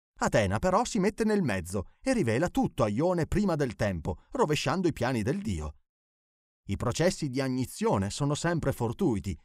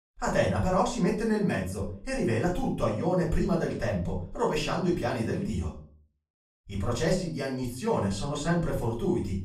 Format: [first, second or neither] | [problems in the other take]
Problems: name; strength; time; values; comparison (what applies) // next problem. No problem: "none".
first | room echo; slight; dies away in 0.4 s // off-mic speech; far